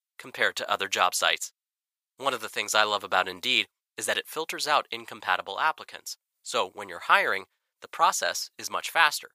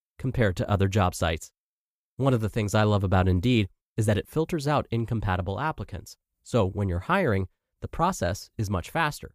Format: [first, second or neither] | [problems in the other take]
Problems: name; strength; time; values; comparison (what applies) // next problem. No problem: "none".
second | thin; very; fading below 1 kHz